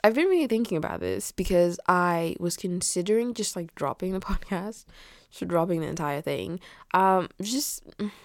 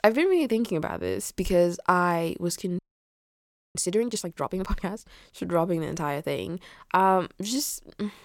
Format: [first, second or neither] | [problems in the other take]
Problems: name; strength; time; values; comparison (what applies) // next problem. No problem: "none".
first | audio freezing; at 3 s for 1 s